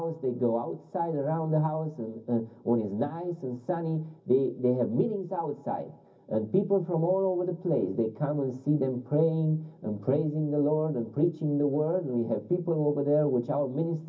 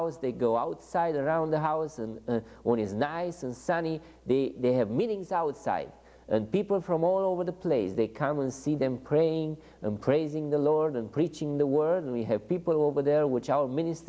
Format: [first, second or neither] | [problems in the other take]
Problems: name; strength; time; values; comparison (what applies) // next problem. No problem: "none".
second | room echo; dies away in 0.4 s